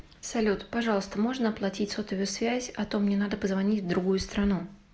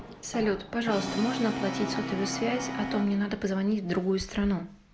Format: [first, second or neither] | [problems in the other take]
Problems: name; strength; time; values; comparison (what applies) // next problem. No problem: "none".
first | background sound (Brass instrument); 7 dB below the speech